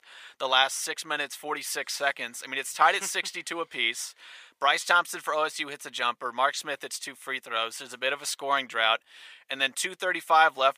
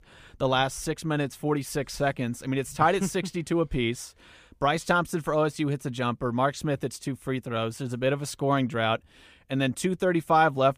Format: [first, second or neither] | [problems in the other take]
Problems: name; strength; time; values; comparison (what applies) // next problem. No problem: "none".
second | thin; very; fading below 900 Hz